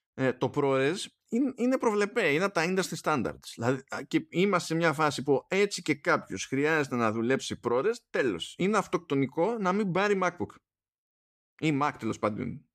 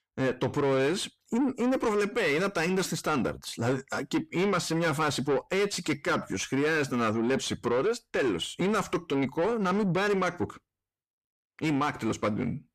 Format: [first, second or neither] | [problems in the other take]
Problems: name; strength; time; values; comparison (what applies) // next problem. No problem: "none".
first | distortion; heavy; 8 dB below the speech